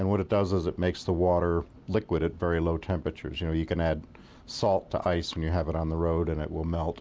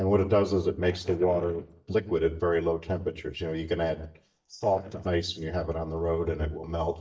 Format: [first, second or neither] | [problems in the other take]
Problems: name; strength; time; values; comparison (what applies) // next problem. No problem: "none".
first | noise reduction (neural mask model DeepFilterNet 3)